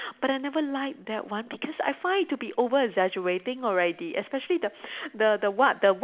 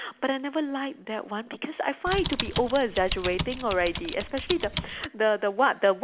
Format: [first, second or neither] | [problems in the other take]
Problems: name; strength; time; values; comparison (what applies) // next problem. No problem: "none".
first | background sound (Typing); 6 dB below the speech